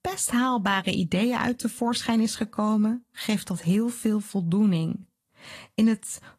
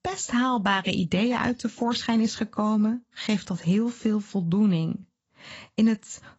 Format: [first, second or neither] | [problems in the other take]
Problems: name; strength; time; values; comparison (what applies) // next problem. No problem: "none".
first | garbled, watery; badly; nothing above 7.5 kHz; slightly in the first